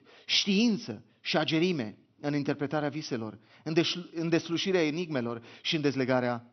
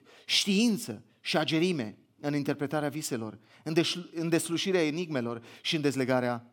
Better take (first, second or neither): second